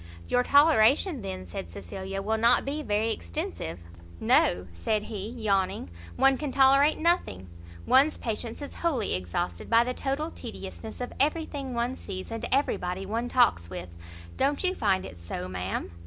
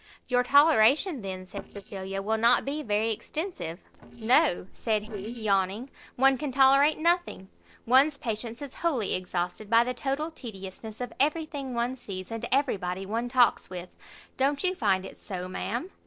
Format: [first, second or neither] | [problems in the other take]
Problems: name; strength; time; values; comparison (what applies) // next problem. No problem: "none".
first | noise reduction (neural separator model SepFormer DNS4)